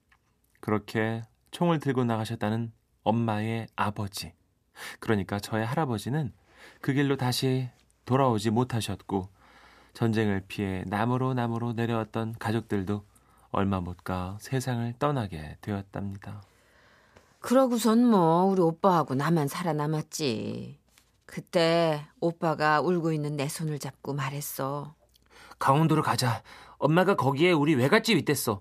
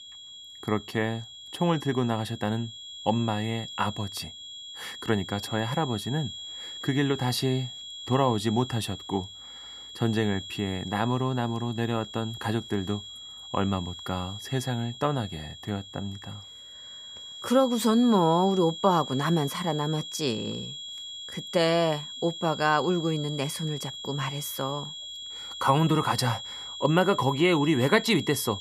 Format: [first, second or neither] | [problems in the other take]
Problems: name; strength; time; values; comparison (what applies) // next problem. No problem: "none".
first | high-pitched whine; noticeable; throughout; 3.5 kHz, 10 dB below the speech